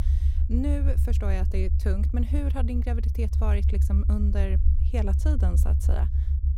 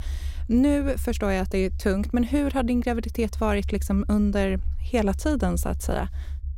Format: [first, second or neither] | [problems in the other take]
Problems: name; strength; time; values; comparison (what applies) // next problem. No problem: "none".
second | low rumble; loud; throughout; 6 dB below the speech; faint in the second